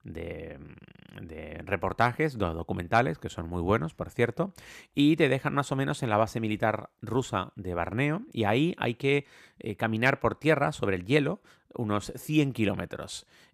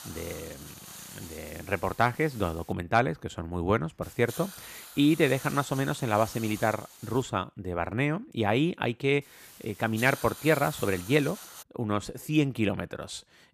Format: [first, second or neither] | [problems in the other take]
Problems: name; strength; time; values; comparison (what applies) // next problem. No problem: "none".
first | hiss; noticeable; until 2.5 s, from 4 to 7 s and from 9 to 12 s; 15 dB below the speech